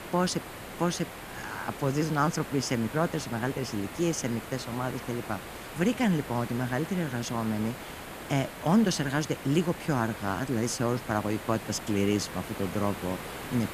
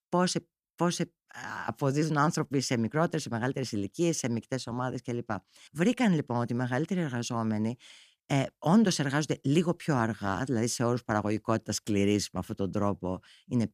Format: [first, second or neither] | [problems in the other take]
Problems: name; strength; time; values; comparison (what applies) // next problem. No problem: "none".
second | hiss; noticeable; throughout; 10 dB below the speech